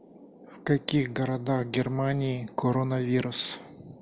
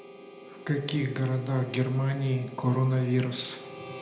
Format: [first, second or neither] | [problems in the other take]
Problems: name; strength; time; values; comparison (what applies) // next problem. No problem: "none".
first | background sound (Harmonica); 18 dB below the speech // room echo; dies away in 0.8 s